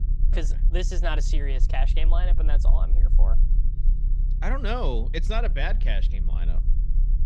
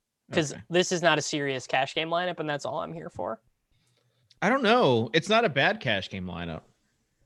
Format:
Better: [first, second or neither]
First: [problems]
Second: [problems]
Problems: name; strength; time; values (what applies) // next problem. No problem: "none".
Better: second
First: low rumble; noticeable; throughout; 15 dB below the speech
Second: none